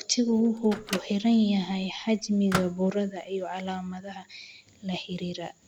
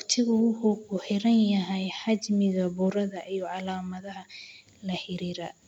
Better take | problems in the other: second | background sound (Microwave oven); 12 dB below the speech

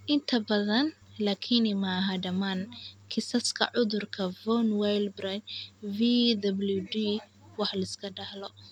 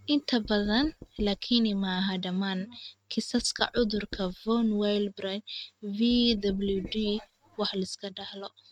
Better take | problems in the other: first | noise reduction (neural mask model RNNoise)

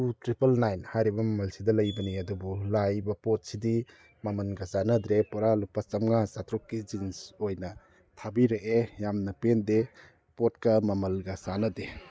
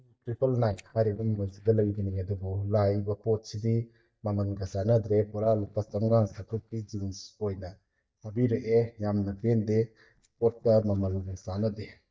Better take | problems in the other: first | noise reduction (neural mask model DeepFilterNet 3)

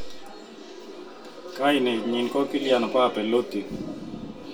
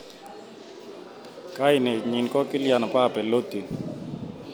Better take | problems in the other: second | room echo; dies away in 0.1 s

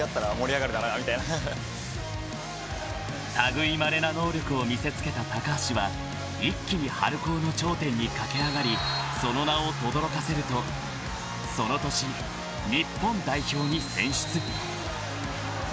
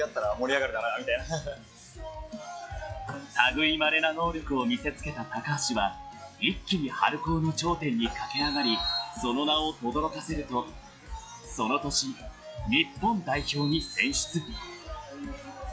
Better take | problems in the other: first | noise reduction (classical method log-MMSE)

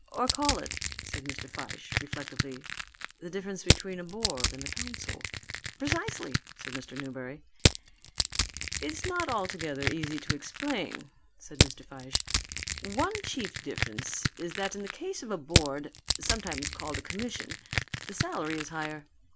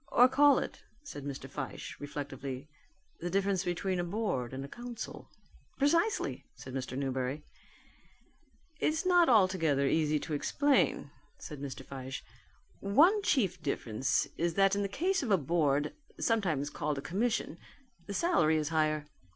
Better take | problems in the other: second | background sound (Crushing); 4 dB above the speech

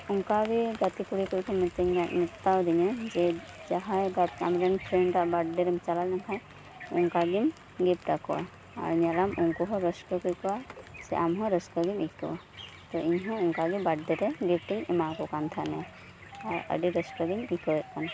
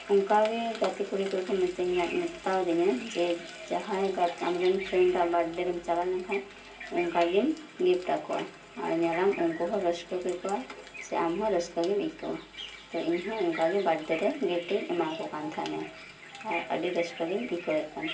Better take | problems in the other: first | room echo; dies away in 0.3 s

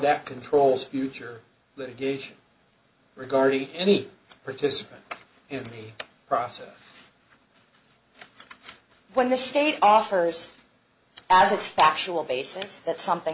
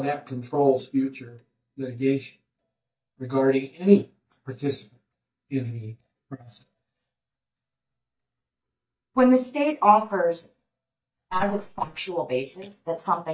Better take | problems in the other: first | noise reduction (neural mask model DeepFilterNet 3)

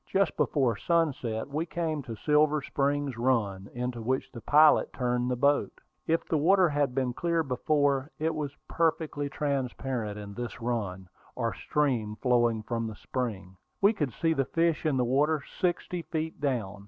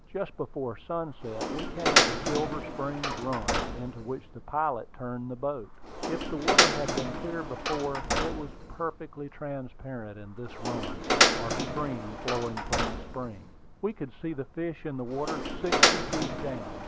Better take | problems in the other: first | background sound (Door); 4 dB above the speech

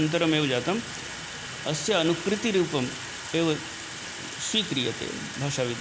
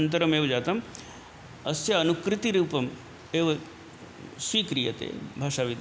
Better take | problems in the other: second | background sound (Sink (filling or washing) / Water tap, faucet); 9 dB below the speech

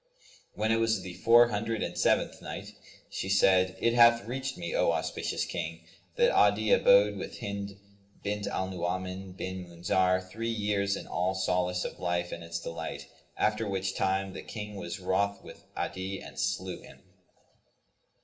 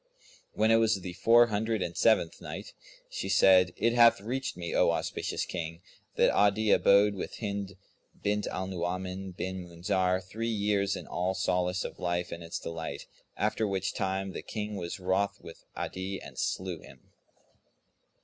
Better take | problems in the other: second | room echo; dies away in 0.7 s

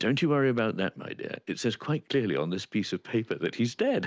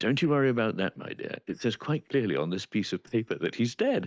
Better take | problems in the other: first | noise reduction (neural mask model DeepFilterNet 3)

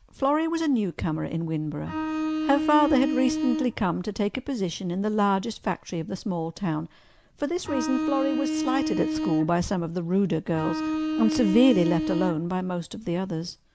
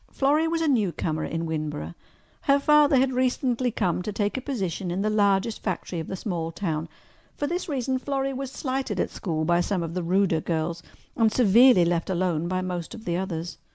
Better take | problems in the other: second | background sound (Bowed string instrument); 2 dB below the speech

